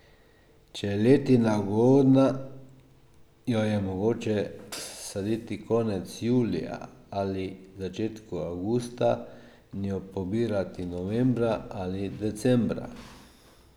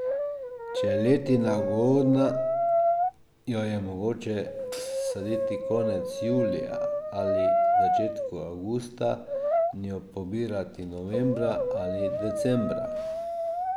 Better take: first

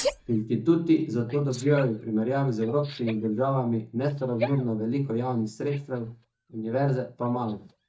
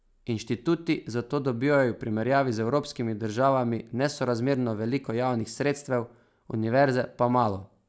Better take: second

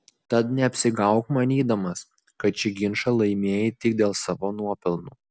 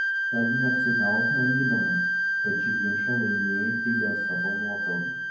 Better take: first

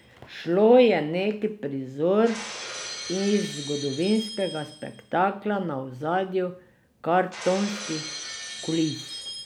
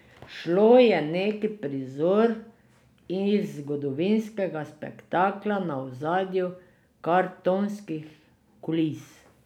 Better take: second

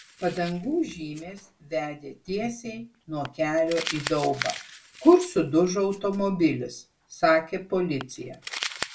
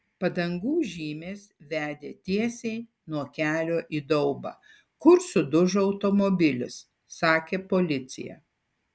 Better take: second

